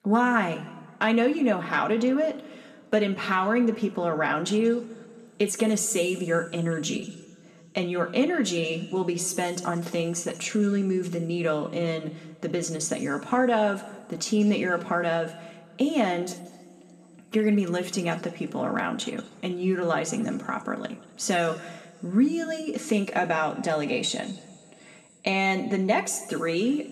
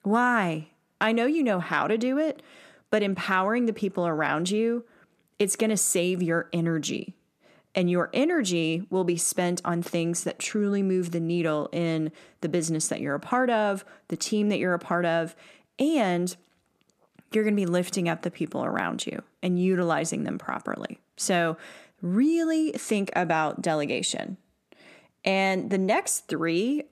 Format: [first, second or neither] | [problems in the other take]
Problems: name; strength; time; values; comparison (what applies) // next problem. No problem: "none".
second | room echo; slight; dies away in 1.9 s